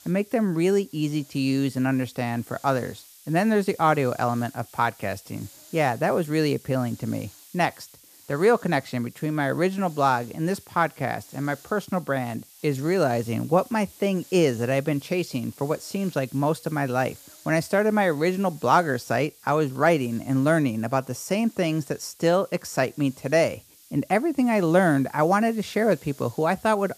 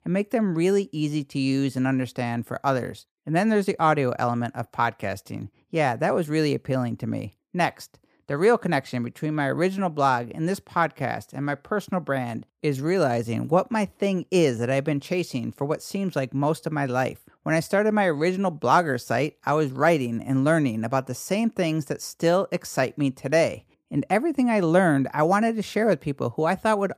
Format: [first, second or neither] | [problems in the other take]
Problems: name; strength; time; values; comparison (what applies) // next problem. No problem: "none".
second | hiss; faint; throughout; 25 dB below the speech